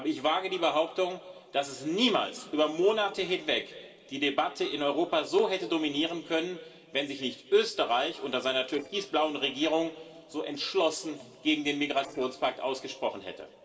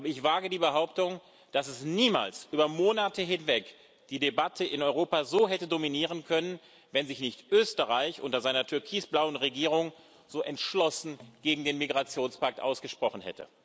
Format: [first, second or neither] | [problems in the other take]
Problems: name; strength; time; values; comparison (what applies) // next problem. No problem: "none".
second | noise reduction (neural separator model SepFormer DNS4)